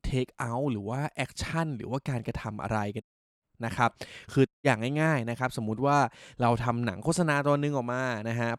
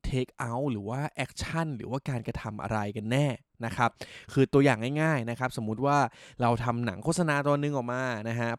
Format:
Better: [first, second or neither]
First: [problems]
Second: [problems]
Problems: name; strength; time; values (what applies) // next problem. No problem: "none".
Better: second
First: audio cutting out; at 3 s and at 4.5 s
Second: none